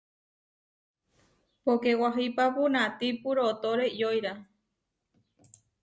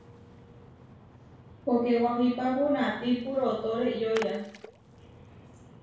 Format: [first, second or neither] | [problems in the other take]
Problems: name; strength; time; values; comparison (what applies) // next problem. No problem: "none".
first | background sound (Splash, splatter); 18 dB below the speech // room echo; dies away in 0.6 s